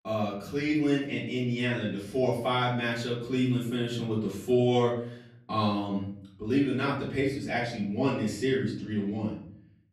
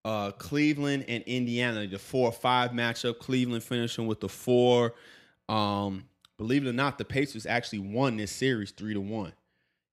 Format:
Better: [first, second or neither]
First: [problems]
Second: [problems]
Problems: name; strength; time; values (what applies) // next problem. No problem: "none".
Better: second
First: off-mic speech; far // room echo; noticeable; dies away in 0.7 s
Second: none